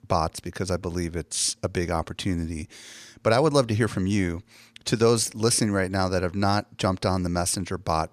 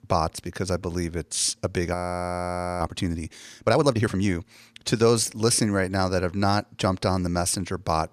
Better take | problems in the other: first | audio freezing; at 2 s for 1 s

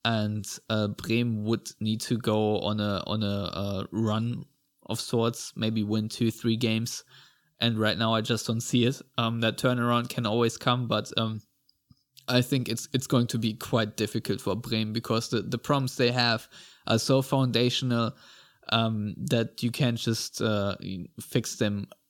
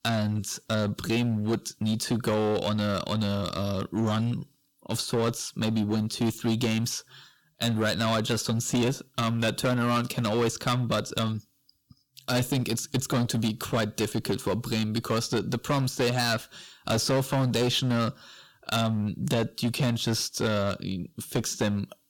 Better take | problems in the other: first | distortion; heavy; 11% of the sound clipped

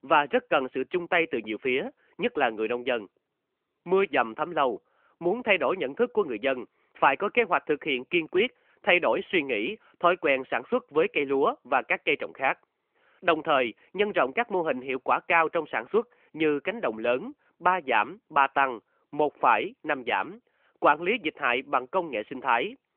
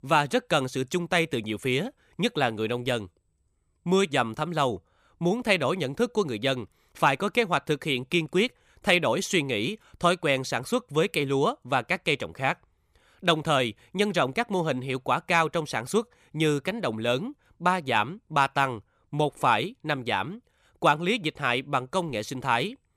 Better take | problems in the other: second | phone-call audio

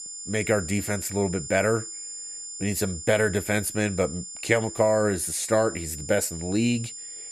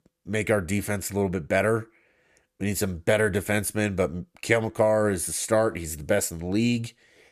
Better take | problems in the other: second | high-pitched whine; loud; throughout; 7 kHz, 10 dB below the speech

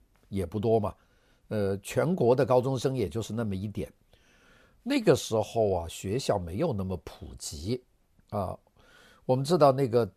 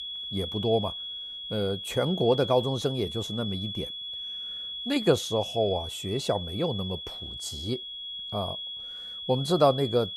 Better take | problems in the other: first | high-pitched whine; loud; throughout; 3.5 kHz, 6 dB below the speech

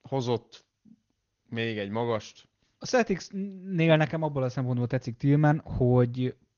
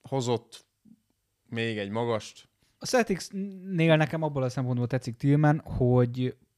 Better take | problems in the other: second | garbled, watery; slightly; nothing above 6.5 kHz

